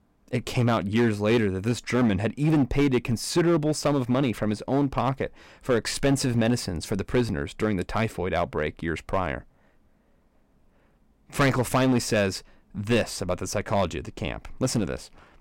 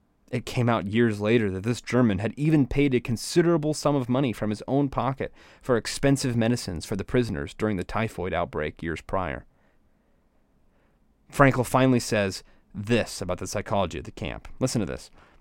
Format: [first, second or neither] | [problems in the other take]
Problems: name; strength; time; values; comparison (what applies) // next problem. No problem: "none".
second | distortion; slight; 5% of the sound clipped